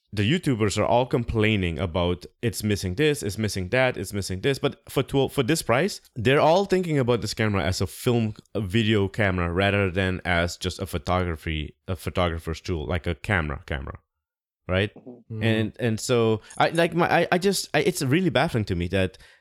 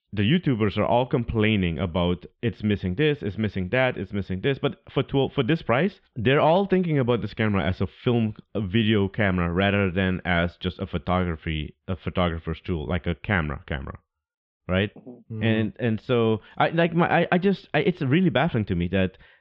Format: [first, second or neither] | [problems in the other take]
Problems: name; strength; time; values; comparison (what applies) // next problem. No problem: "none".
first | muffled; very; fading above 3.5 kHz